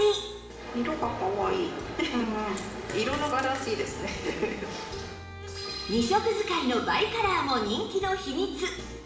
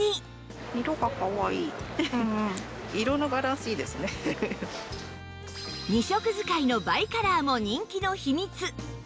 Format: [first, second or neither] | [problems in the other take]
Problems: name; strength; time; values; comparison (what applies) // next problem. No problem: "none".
second | background sound (Fart); 15 dB below the speech // room echo; dies away in 1.1 s